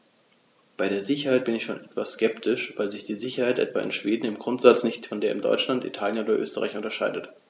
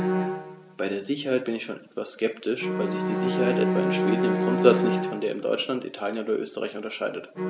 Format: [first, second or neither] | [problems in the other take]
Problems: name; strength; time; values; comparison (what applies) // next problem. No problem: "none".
first | background sound (Bowed string instrument); as loud as the speech